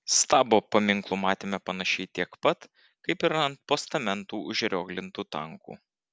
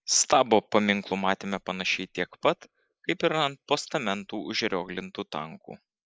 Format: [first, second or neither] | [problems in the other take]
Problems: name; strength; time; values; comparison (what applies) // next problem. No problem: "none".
first | noise reduction (neural mask model Resemble Enhance denoiser)